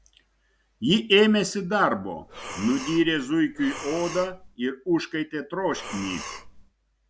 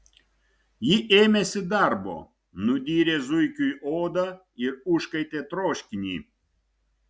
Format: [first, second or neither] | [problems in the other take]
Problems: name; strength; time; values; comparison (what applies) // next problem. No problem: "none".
second | background sound (Breathing); 13 dB below the speech